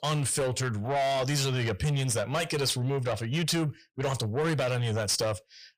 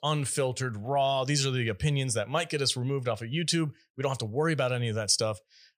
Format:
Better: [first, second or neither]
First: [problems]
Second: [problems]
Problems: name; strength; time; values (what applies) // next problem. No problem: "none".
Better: second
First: distortion; heavy; 8 dB below the speech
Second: none